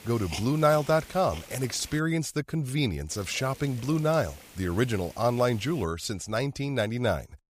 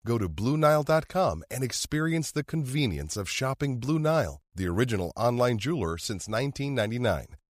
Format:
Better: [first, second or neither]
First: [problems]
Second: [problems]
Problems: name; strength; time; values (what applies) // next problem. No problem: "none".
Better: second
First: hiss; noticeable; until 2 s and from 3 to 6 s; 15 dB below the speech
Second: none